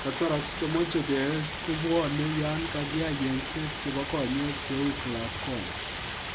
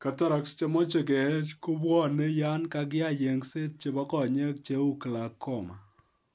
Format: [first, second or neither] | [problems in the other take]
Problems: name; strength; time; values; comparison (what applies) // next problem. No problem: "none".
second | background sound (Stream); 5 dB below the speech